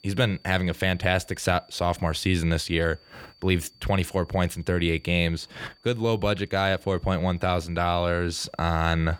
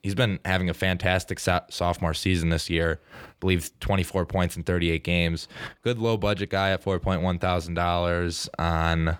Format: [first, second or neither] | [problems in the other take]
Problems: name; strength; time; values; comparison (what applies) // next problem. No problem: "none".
second | high-pitched whine; faint; throughout; 4.5 kHz, 30 dB below the speech